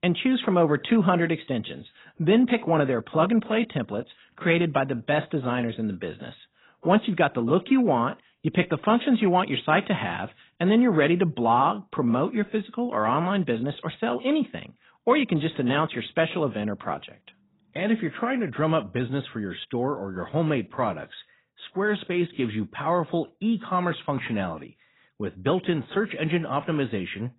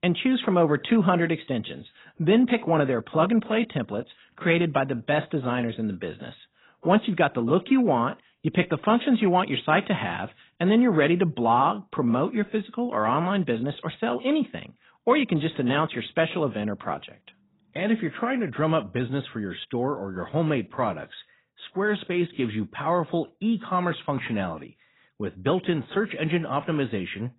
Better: neither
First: garbled, watery; badly; nothing above 4 kHz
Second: garbled, watery; badly; nothing above 4 kHz

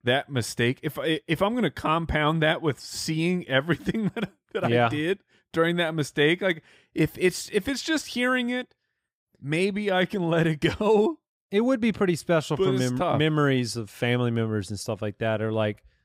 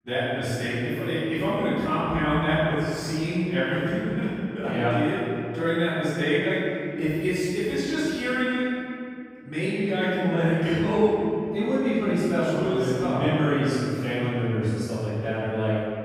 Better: first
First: none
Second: off-mic speech; far // room echo; strong; dies away in 2.4 s

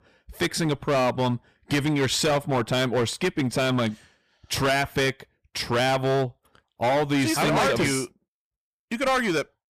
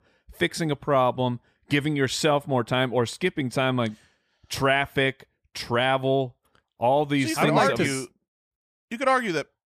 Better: second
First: distortion; heavy; 15% of the sound clipped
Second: none

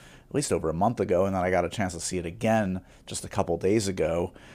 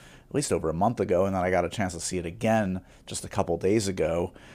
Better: neither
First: none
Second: none

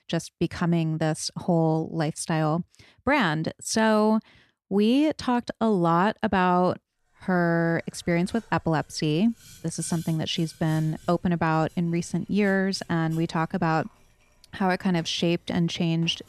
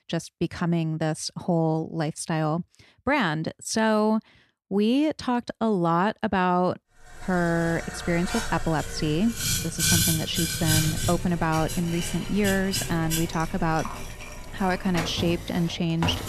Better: first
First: household noises; faint; from 7 s on; 25 dB below the speech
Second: household noises; loud; from 7 s on; 3 dB below the speech

